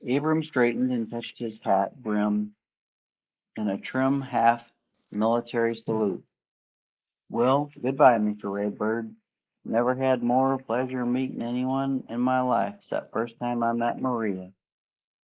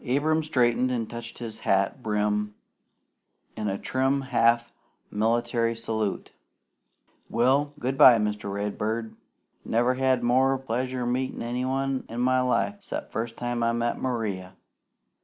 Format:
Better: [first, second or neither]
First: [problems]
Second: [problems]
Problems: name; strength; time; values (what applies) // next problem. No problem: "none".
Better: second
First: noise reduction (neural mask model Resemble Enhance denoiser)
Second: none